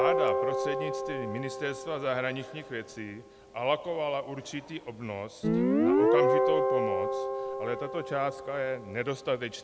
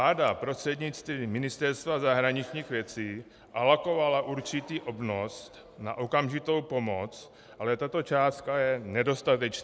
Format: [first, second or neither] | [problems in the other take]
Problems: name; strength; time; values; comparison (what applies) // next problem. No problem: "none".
second | background sound (Guitar); 4 dB above the speech